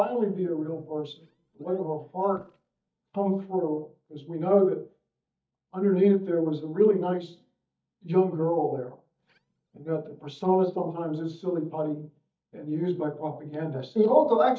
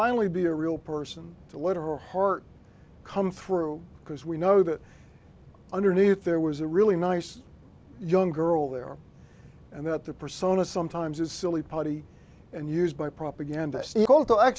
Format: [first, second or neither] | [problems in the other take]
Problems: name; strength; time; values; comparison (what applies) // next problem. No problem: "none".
second | noise reduction (neural mask model DeepFilterNet 3)